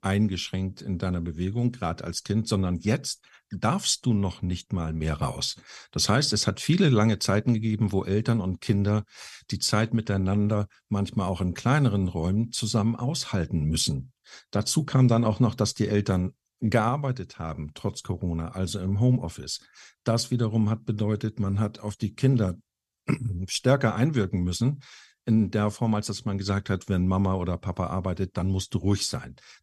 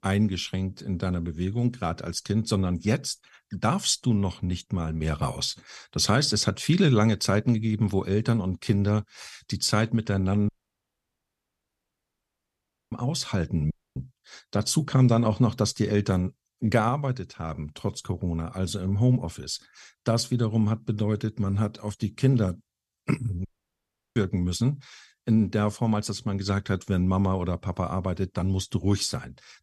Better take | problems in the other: first | audio cutting out; at 10 s for 2.5 s, at 14 s and at 23 s for 0.5 s

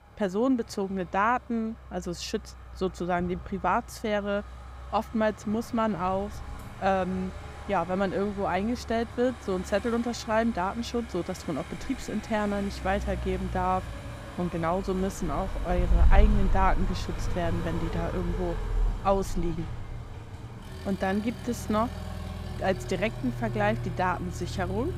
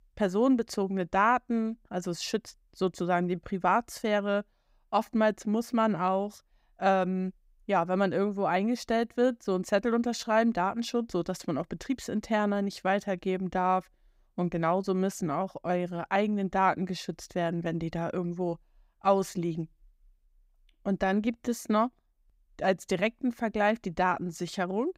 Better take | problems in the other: second | traffic noise; loud; throughout; 6 dB below the speech

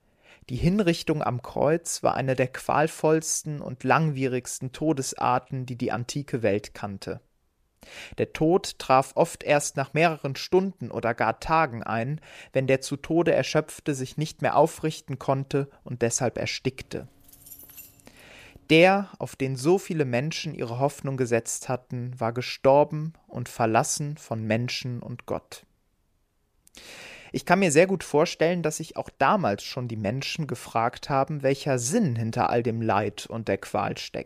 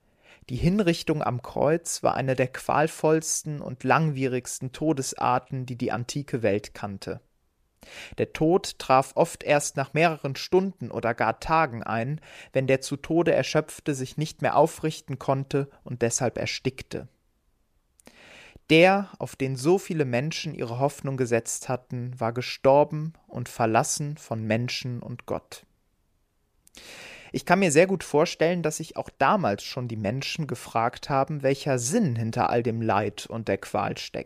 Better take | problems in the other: second | jangling keys; faint; from 17 to 19 s; peak 15 dB below the speech

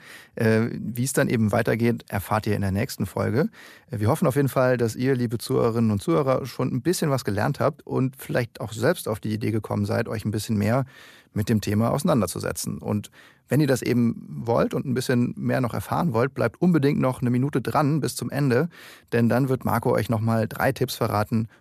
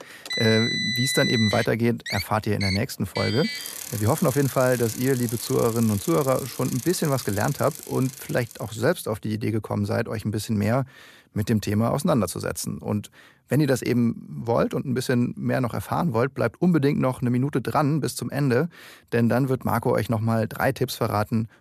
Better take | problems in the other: first | traffic noise; loud; until 8.5 s; 6 dB below the speech

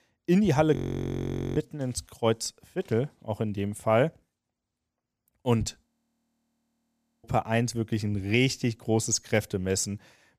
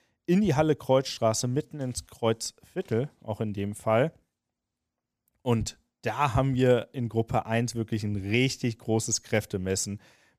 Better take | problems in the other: second | audio freezing; at 1 s for 1 s and at 6 s for 1.5 s

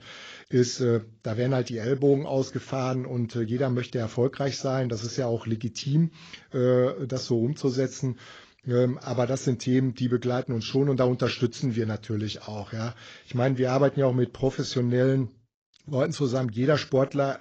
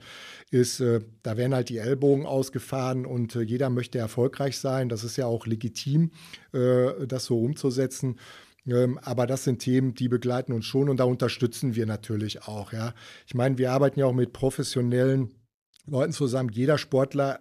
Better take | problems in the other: second | garbled, watery; badly

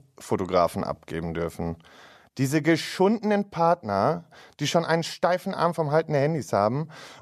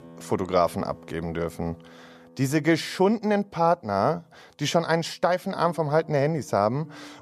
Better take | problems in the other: first | background music; faint; throughout; 25 dB below the speech

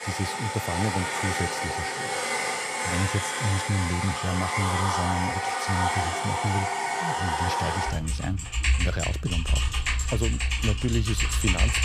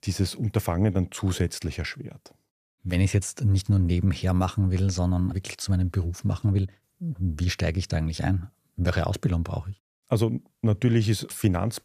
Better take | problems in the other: second | household noises; very loud; throughout; 3 dB above the speech

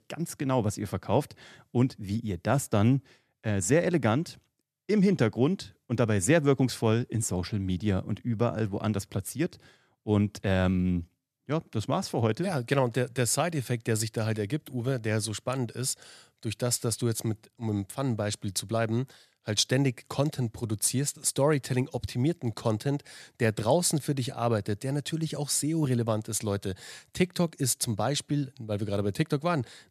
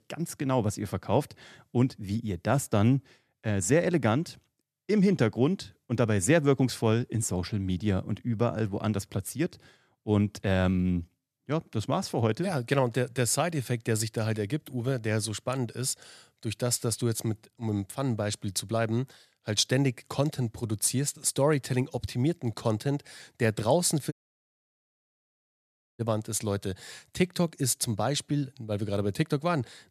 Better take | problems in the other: first | audio cutting out; at 24 s for 2 s

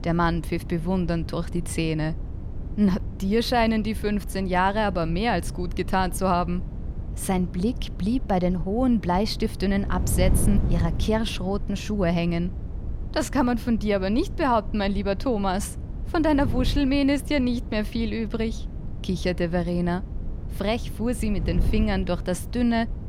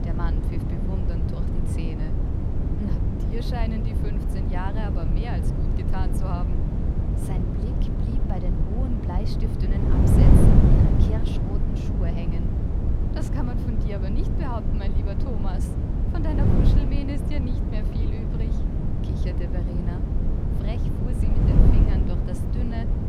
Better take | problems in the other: first | wind noise on the microphone; heavy; 4 dB above the speech; occasional gusts in the first

